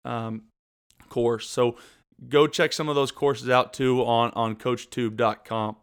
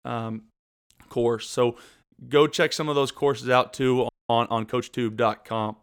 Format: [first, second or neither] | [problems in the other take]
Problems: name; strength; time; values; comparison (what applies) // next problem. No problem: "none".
first | audio freezing; at 4 s